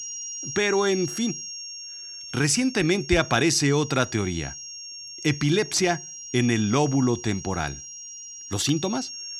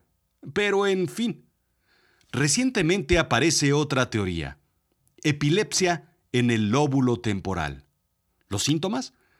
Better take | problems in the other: second | high-pitched whine; noticeable; throughout; 5.5 kHz, 10 dB below the speech

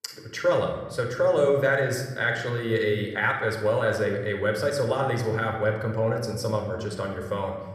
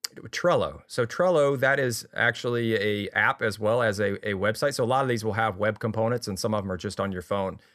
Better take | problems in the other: second | room echo; slight; dies away in 1.1 s

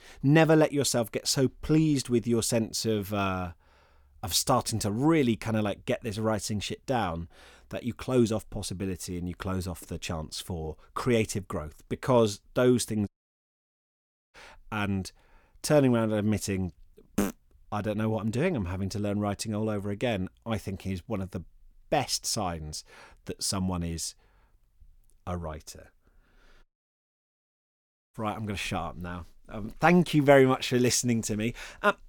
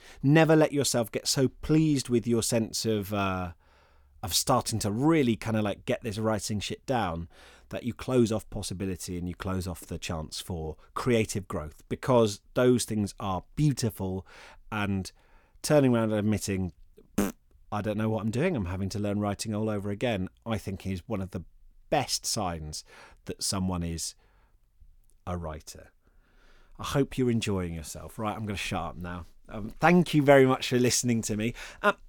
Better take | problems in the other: second | audio cutting out; at 13 s for 1.5 s and at 27 s for 1.5 s

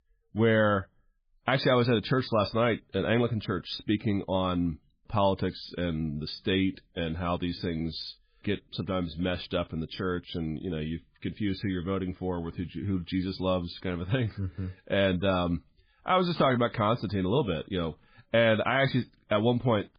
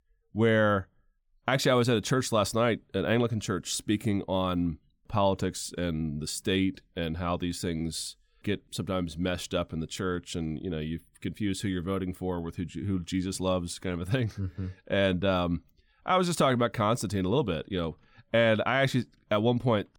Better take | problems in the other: second | garbled, watery; badly; nothing above 4.5 kHz

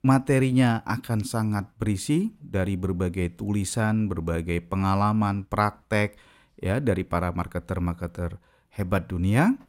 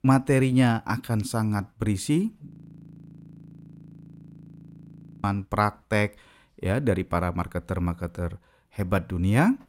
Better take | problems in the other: first | audio freezing; at 2.5 s for 3 s

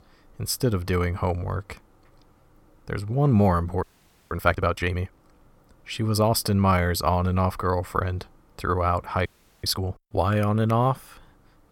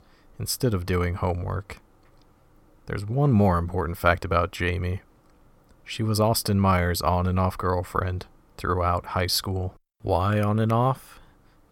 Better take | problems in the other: second | audio freezing; at 4 s and at 9.5 s

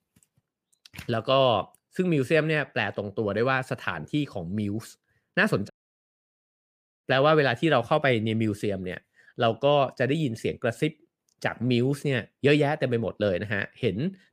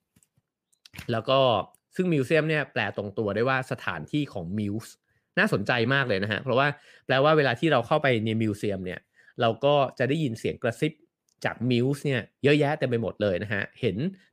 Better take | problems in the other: second | audio cutting out; at 5.5 s for 1.5 s

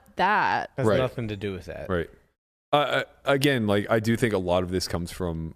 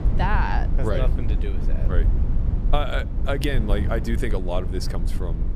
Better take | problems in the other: first | low rumble; noticeable; throughout; 10 dB below the speech

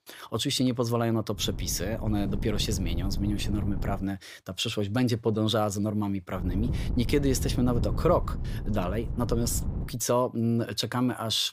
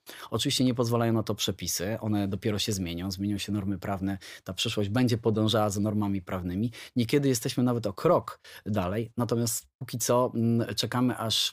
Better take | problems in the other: second | wind noise on the microphone; occasional gusts; from 1.5 to 4 s and from 6.5 to 10 s; 15 dB below the speech

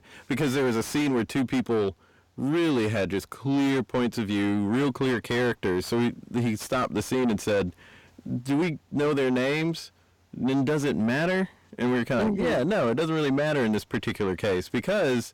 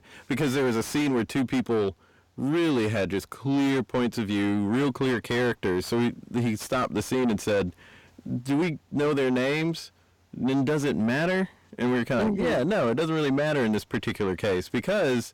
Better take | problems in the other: neither | distortion; heavy; 7 dB below the speech; the same in both

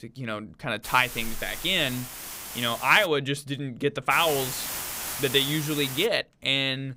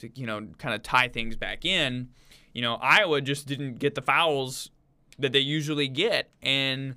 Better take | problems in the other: second | hiss; loud; from 1 to 3 s and from 4 to 6 s; 9 dB below the speech

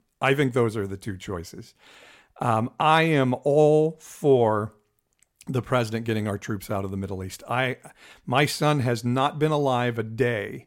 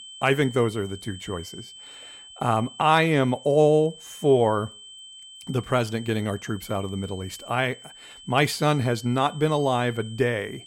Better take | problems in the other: first | high-pitched whine; noticeable; throughout; 3 kHz, 20 dB below the speech

